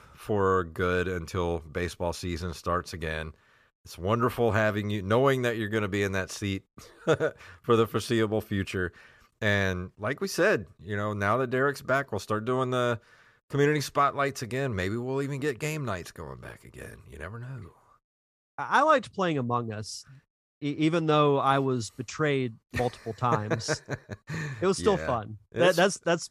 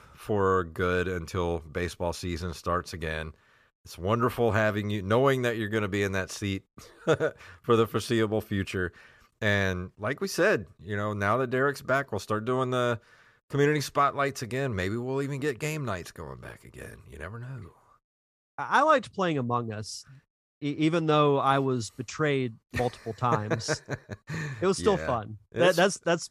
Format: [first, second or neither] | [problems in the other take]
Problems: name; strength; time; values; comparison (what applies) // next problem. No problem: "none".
neither | none